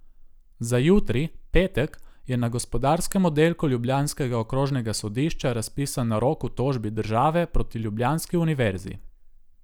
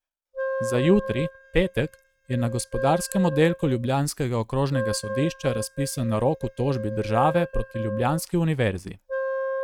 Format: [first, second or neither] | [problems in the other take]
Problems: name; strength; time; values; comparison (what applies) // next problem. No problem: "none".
first | noise reduction (neural mask model RNNoise)